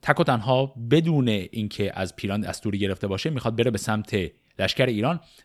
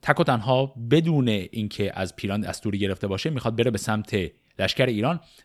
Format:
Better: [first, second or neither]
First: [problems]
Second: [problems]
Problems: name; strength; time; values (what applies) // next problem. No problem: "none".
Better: neither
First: none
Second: none